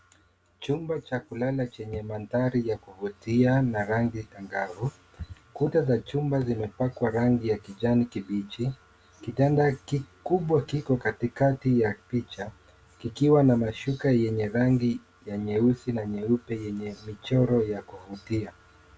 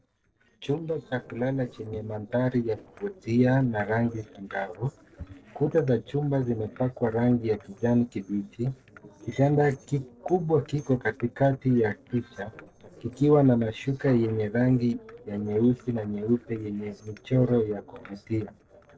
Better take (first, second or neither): first